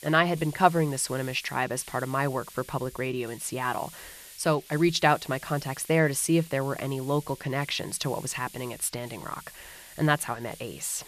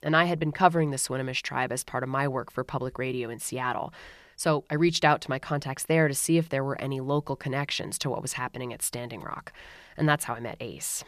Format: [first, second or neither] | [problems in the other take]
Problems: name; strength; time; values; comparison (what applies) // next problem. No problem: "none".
second | hiss; noticeable; throughout; 20 dB below the speech